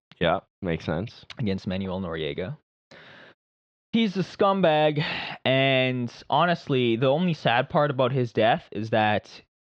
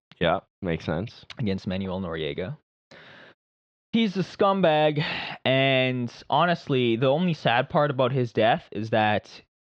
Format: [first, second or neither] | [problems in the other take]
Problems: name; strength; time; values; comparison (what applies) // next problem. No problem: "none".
neither | muffled; slightly; fading above 3.5 kHz; the same in both